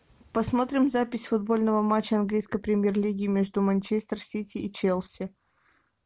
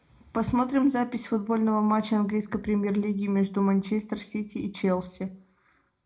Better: first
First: none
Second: room echo; dies away in 0.3 s

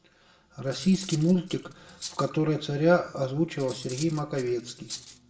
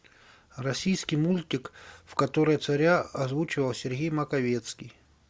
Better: second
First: background sound (Cutlery, silverware); 17 dB below the speech // room echo; dies away in 0.7 s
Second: none

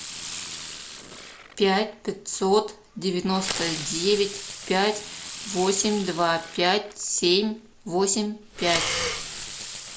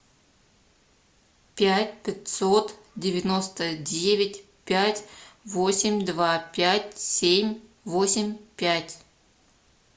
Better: second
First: background sound (Breathing + Fireworks); 9 dB below the speech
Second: none

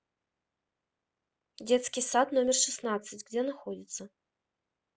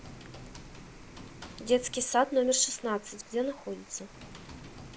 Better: first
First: none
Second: background sound (Computer keyboard + Rain); 15 dB below the speech

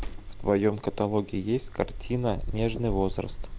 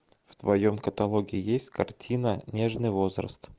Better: second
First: background sound (Sliding door); 7 dB below the speech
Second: none

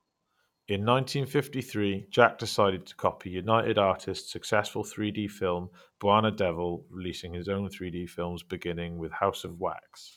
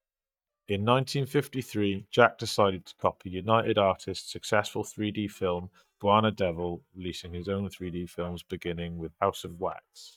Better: first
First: none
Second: noise reduction (neural mask model DeepFilterNet 3)

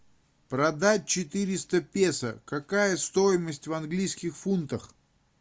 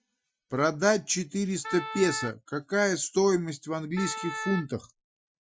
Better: first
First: none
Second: noise reduction (classical method Wiener filter)

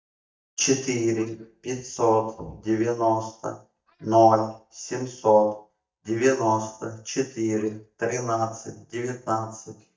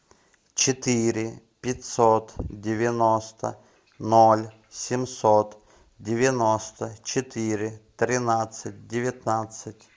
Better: second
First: noise reduction (neural mask model DeepFilterNet 3)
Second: none

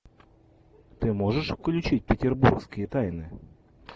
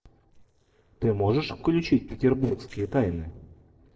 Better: first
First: none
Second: noise reduction (neural separator model SepFormer DNS4)

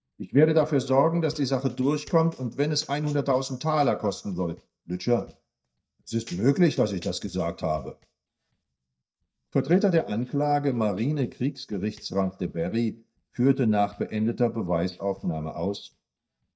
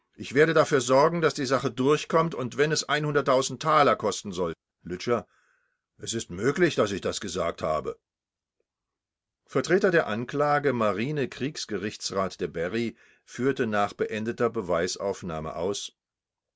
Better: second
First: noise reduction (neural mask model DeepFilterNet 3)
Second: none

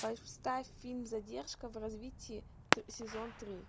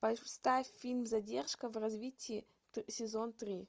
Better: second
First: background sound (Fireworks); 1 dB above the speech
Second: none

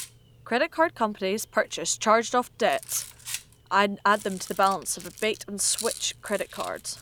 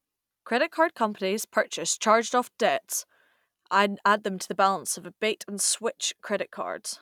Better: second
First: background sound (Rattle); 16 dB below the speech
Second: none

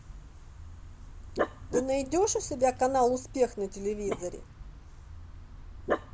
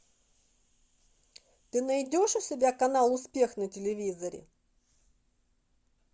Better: second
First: background sound (Dog); 7 dB below the speech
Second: none

